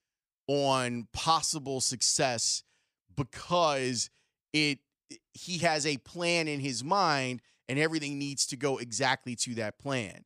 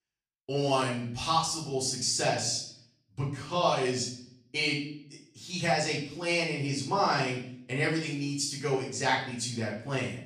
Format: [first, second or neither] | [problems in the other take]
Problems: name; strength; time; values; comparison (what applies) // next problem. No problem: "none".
first | off-mic speech; far // room echo; noticeable; dies away in 0.6 s